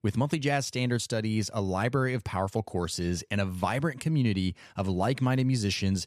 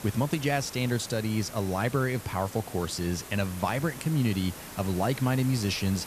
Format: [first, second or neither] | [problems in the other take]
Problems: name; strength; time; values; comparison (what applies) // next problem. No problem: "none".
first | hiss; noticeable; throughout; 15 dB below the speech